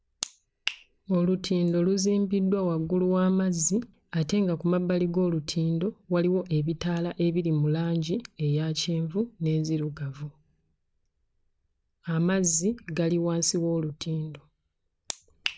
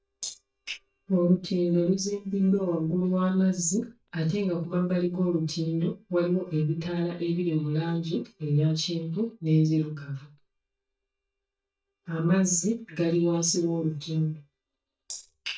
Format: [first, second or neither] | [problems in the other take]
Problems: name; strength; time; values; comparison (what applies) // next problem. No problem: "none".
first | noise reduction (neural mask model DeepFilterNet 3)